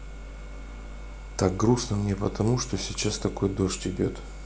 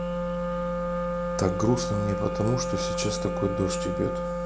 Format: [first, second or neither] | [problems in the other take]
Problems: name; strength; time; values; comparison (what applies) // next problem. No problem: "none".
first | background sound (Wind instrument, woodwind instrument); as loud as the speech